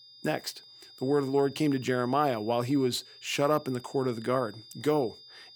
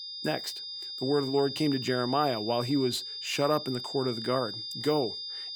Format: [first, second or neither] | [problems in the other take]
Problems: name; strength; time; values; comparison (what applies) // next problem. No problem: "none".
first | high-pitched whine; loud; throughout; 5 kHz, 6 dB below the speech; faint in the first